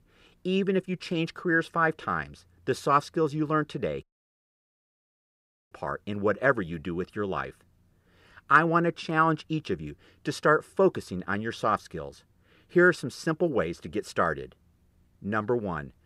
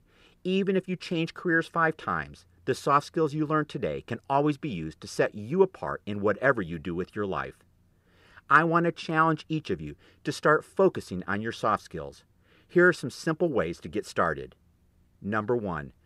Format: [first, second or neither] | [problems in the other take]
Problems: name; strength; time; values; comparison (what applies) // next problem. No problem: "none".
second | audio cutting out; at 4 s for 1.5 s